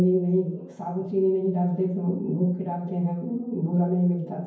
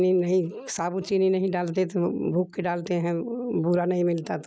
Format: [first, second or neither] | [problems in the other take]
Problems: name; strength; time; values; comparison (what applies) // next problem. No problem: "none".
second | room echo; dies away in 0.9 s